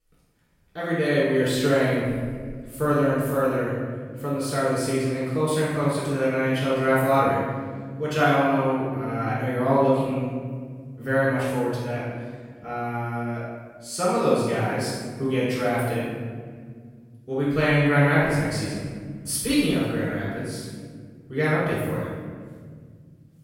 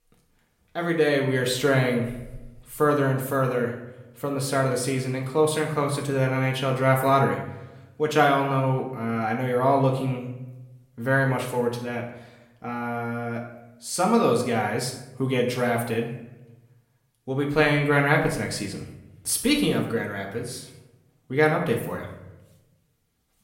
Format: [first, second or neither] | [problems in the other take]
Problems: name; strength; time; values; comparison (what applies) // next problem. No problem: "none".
second | room echo; strong; dies away in 1.9 s; slight in the second // off-mic speech; far; somewhat distant in the second